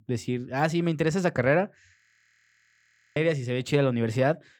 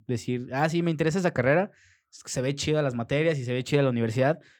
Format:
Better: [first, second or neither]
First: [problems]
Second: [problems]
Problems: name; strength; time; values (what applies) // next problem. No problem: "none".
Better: second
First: audio freezing; at 2 s for 1 s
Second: none